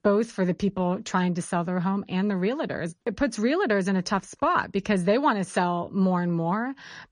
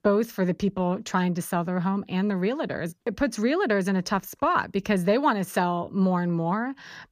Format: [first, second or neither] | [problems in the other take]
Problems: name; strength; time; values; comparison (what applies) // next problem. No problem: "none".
second | garbled, watery; slightly; nothing above 10 kHz